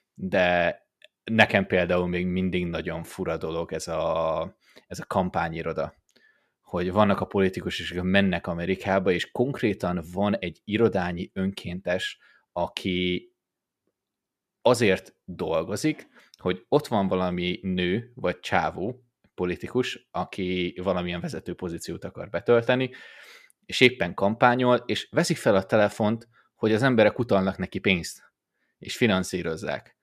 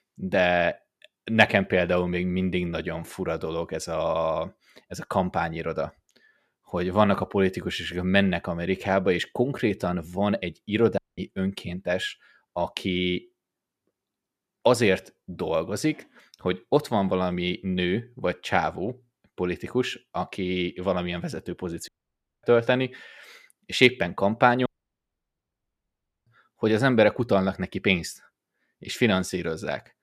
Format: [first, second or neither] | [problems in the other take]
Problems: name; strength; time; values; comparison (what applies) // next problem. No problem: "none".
first | audio cutting out; at 11 s, at 22 s for 0.5 s and at 25 s for 1.5 s